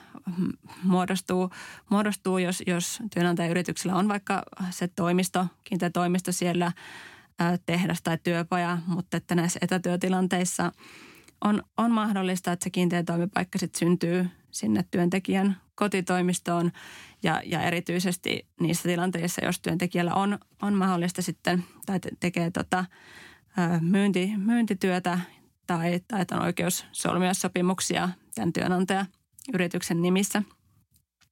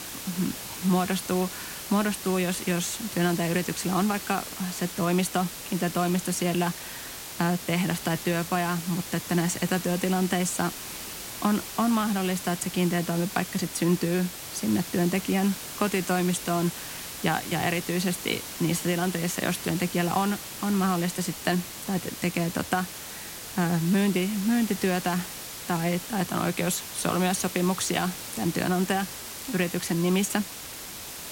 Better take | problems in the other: first | hiss; loud; throughout; 8 dB below the speech

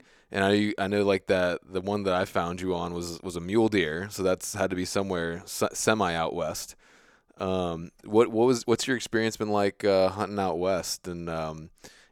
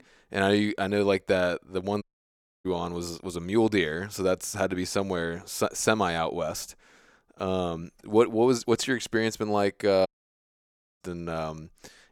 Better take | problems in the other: first | audio cutting out; at 2 s for 0.5 s and at 10 s for 1 s

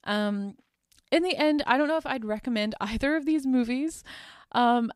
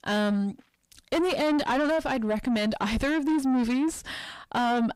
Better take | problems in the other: first | distortion; heavy; 6 dB below the speech

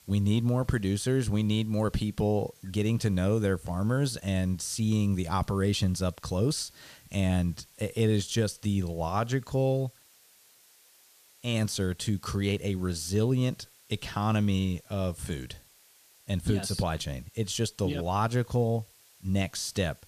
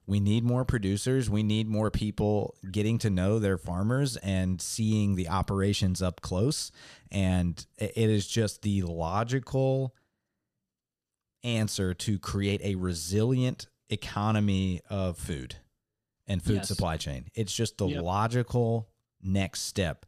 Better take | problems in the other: second | hiss; faint; throughout; 25 dB below the speech

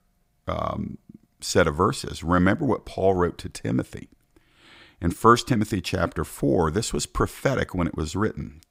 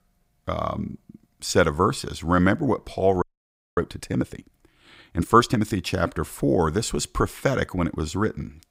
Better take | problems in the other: first | audio freezing; at 3 s for 0.5 s

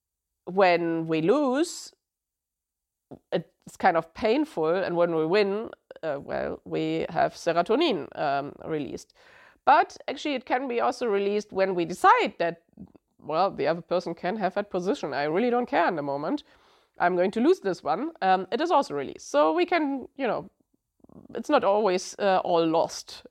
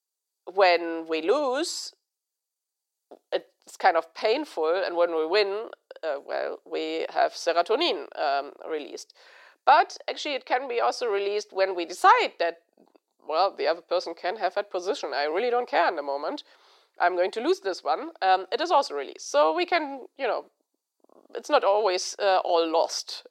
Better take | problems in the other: first | thin; somewhat; fading below 400 Hz

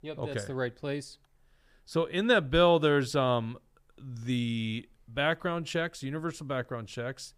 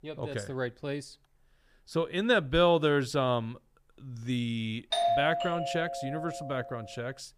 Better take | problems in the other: first | doorbell; loud; from 5 to 6.5 s; peak 3 dB above the speech

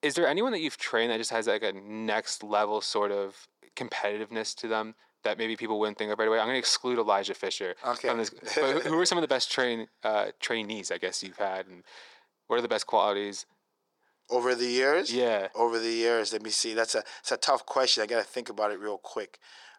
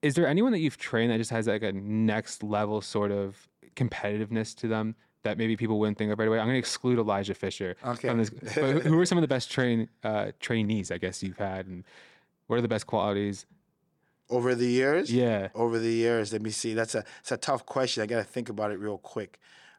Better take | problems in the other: second | thin; somewhat; fading below 500 Hz

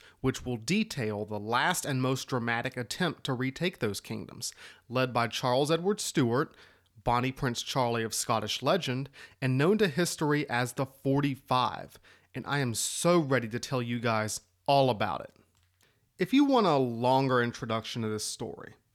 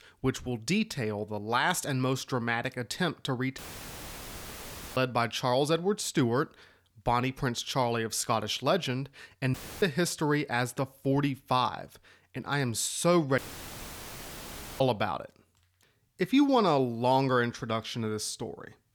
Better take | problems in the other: first | audio cutting out; filled with static; at 3.5 s for 1.5 s, at 9.5 s and at 13 s for 1.5 s

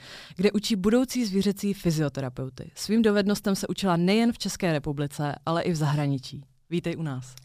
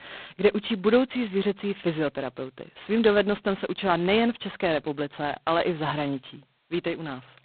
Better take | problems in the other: first | phone-call audio; poor line; nothing above 4 kHz

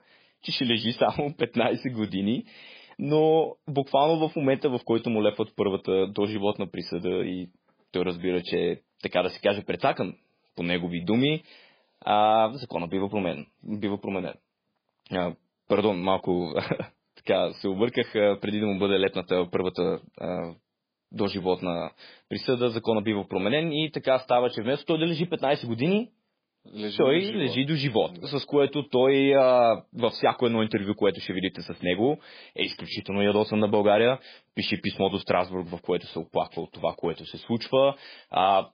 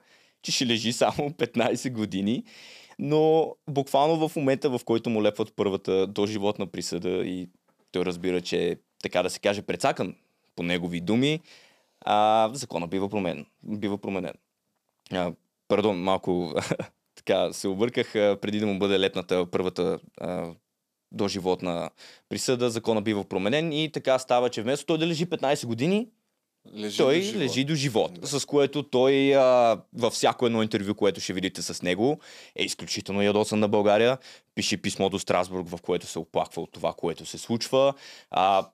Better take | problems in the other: second | garbled, watery; badly; nothing above 5 kHz

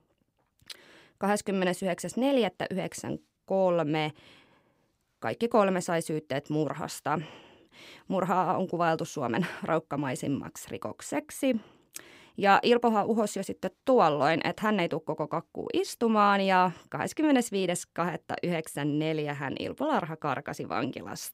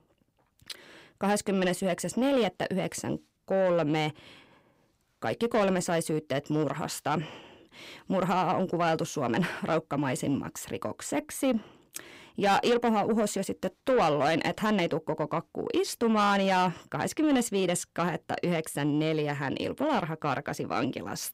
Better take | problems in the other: first | distortion; slight; 10 dB below the speech

